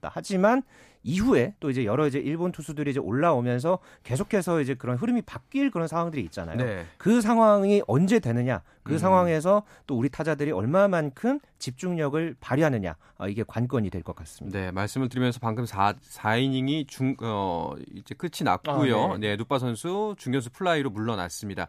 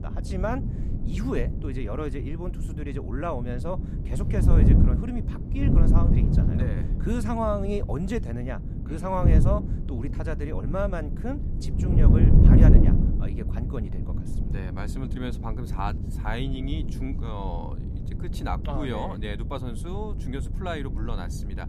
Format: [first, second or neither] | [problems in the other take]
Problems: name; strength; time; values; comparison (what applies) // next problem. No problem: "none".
first | wind noise on the microphone; heavy; 3 dB below the speech